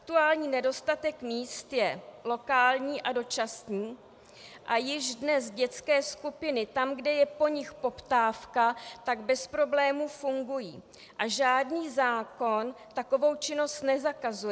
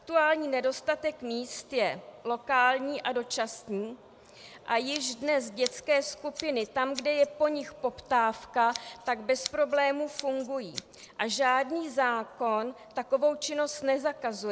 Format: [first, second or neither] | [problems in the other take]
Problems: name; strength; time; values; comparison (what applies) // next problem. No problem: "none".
first | background sound (Scissors); 16 dB below the speech